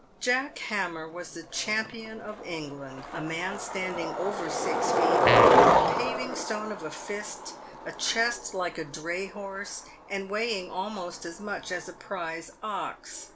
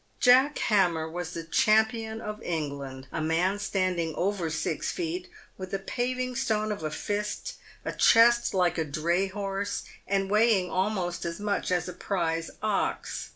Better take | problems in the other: second | background sound (Fart + Skateboard); 4 dB above the speech

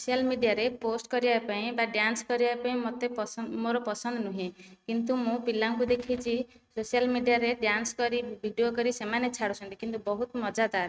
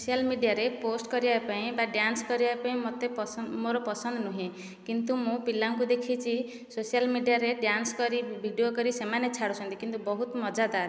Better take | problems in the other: second | noise reduction (neural mask model RNNoise)

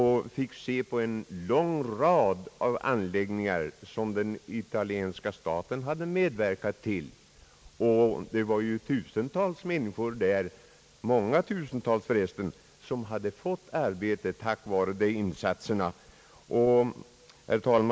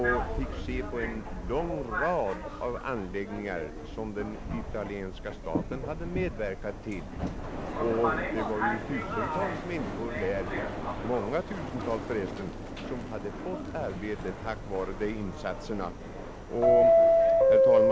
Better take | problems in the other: first | background sound (Subway, metro, underground); 4 dB above the speech

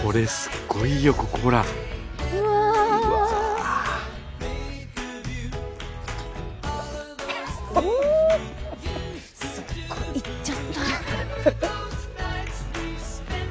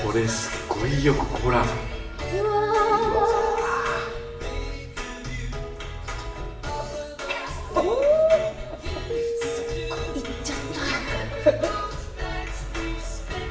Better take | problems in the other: first | background sound (Keyboard (musical)); 11 dB below the speech // room echo; dies away in 0.8 s

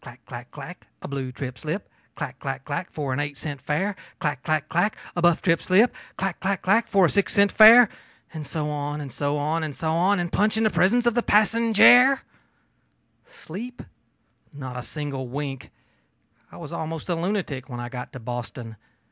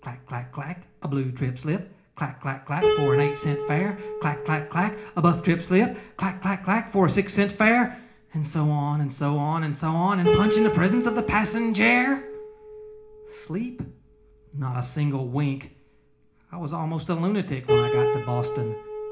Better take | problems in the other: first | background sound (Piano); 5 dB below the speech // room echo; dies away in 0.4 s

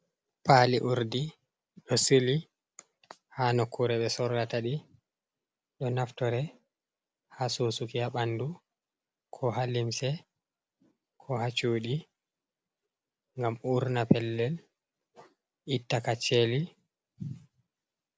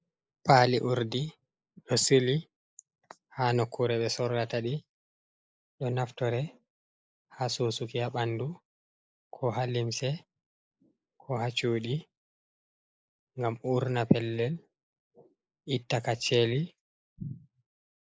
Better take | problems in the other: first | noise reduction (neural mask model Resemble Enhance denoiser)

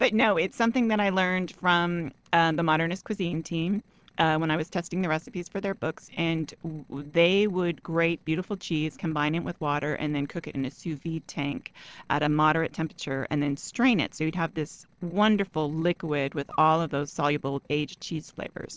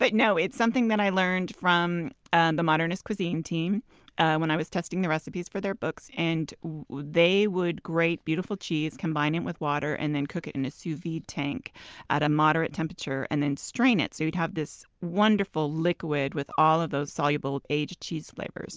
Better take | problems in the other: second | noise reduction (neural separator model SepFormer DNS4)

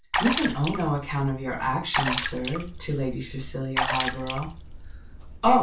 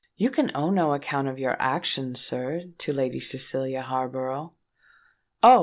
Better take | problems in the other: second | background sound (Water / Splash, splatter); 5 dB below the speech // room echo; dies away in 0.2 s

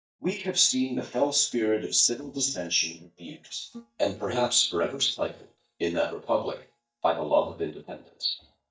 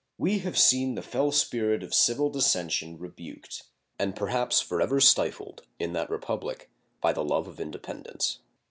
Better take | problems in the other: second | noise reduction (neural mask model DeepFilterNet 3)

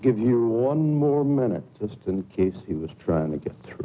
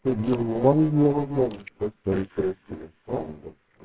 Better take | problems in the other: first | noise reduction (neural separator model SepFormer WHAMR!)

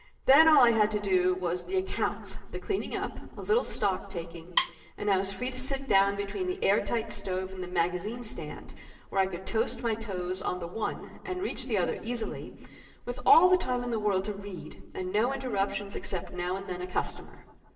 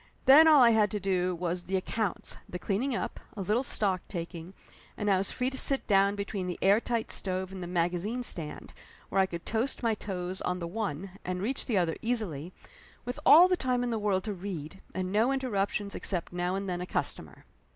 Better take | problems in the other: second | noise reduction (neural separator model SepFormer DNS4)

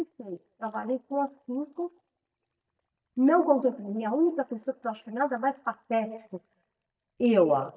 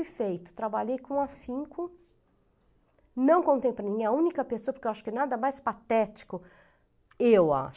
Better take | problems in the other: second | noise reduction (neural mask model DeepFilterNet 3)

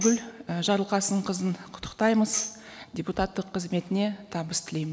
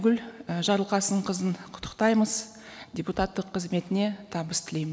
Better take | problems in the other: second | background sound (Tambourine); 11 dB below the speech

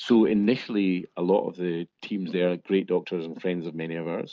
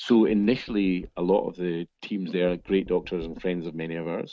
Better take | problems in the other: first | noise reduction (neural mask model RNNoise)

